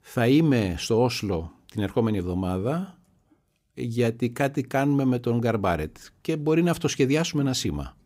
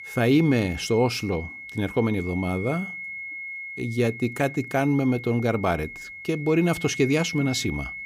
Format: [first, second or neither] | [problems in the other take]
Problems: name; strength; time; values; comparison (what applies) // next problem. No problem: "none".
first | high-pitched whine; noticeable; throughout; 2 kHz, 10 dB below the speech